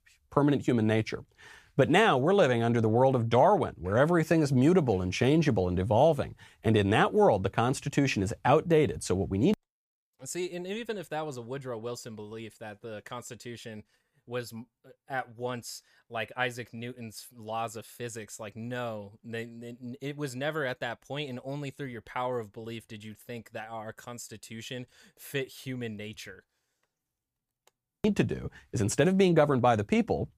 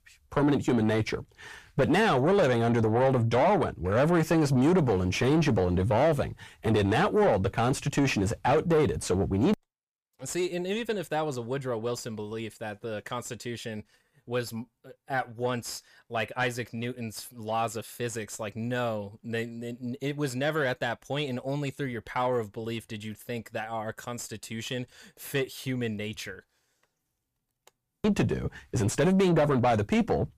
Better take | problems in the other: first | distortion; heavy; 7 dB below the speech

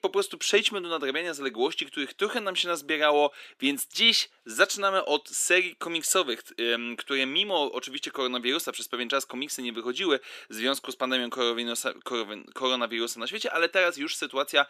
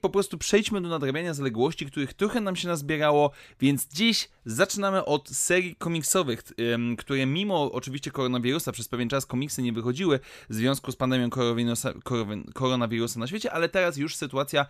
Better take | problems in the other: second | thin; somewhat; fading below 300 Hz

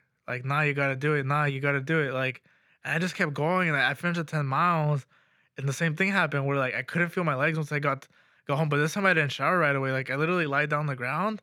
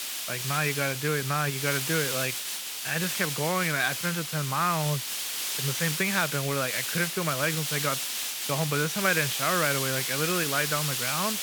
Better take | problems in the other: first | hiss; loud; throughout; 1 dB below the speech

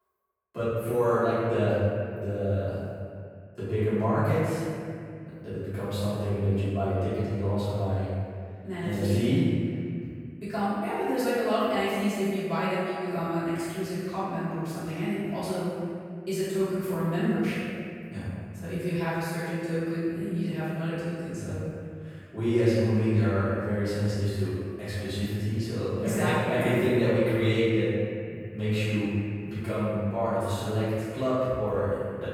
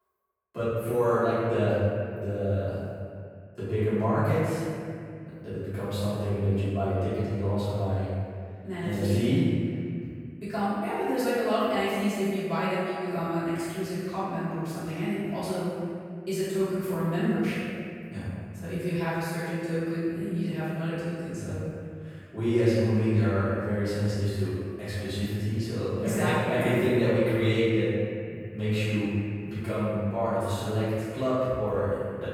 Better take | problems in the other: neither | room echo; strong; dies away in 2.1 s; the same in both // off-mic speech; far; the same in both

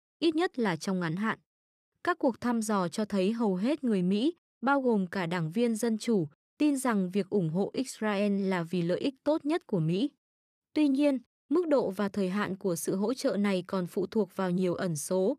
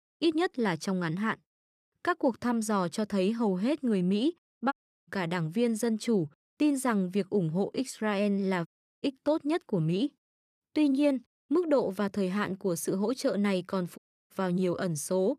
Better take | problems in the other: first | audio cutting out; at 4.5 s, at 8.5 s and at 14 s

